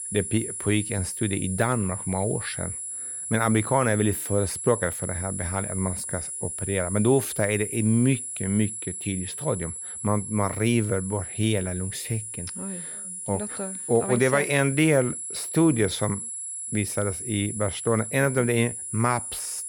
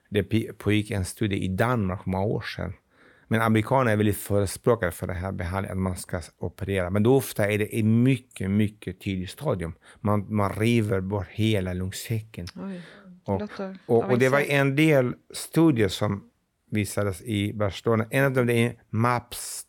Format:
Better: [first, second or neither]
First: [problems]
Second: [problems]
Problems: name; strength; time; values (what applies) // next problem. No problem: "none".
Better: second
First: high-pitched whine; loud; throughout; 10.5 kHz, 6 dB below the speech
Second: none